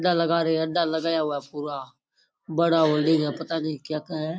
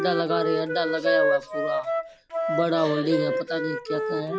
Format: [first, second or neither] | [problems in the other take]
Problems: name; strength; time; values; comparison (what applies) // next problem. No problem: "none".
first | background sound (Wind instrument, woodwind instrument); 1 dB above the speech